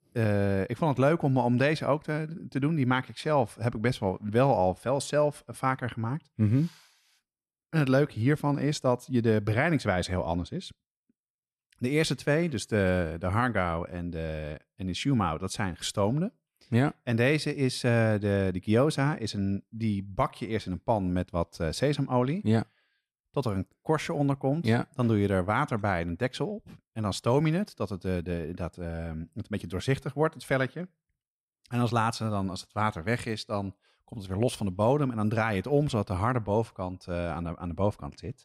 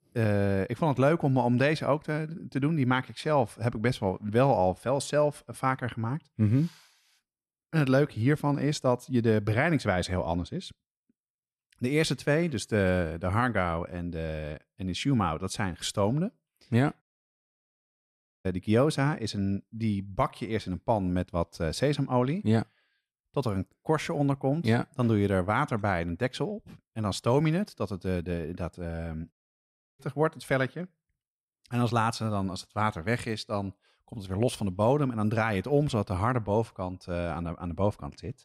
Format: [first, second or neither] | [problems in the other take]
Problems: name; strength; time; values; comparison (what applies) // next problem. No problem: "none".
first | audio cutting out; at 17 s for 1.5 s and at 29 s for 0.5 s